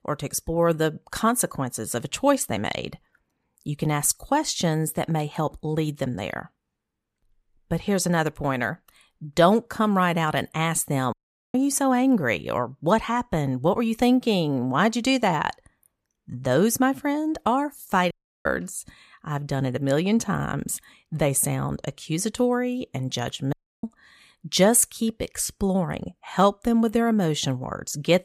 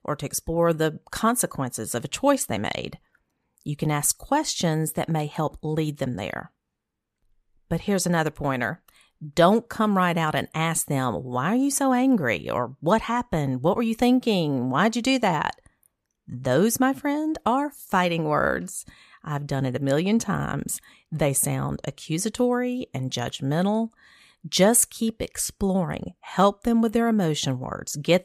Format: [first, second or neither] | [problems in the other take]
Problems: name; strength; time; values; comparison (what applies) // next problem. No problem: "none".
second | audio cutting out; at 11 s, at 18 s and at 24 s